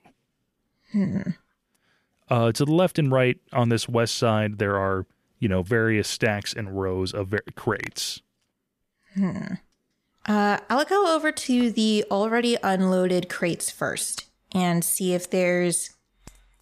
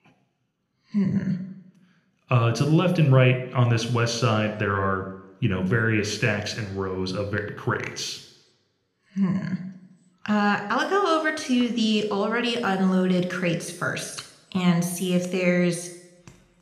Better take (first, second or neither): first